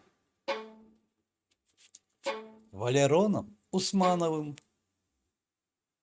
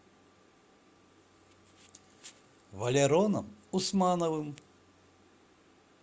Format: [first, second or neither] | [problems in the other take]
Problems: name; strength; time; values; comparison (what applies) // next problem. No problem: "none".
second | noise reduction (neural mask model RNNoise)